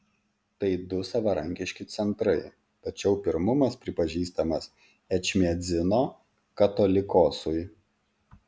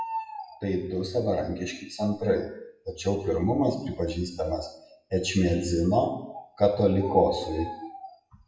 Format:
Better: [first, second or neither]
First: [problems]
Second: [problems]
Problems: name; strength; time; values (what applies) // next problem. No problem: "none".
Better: first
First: none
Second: noise reduction (classical method WPE with log-MMSE)